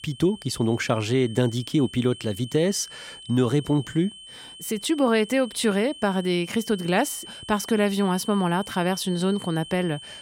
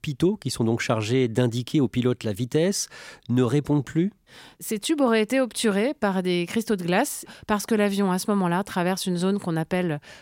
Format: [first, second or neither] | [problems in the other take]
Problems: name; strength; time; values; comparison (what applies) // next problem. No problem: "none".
second | high-pitched whine; noticeable; throughout; 3 kHz, 15 dB below the speech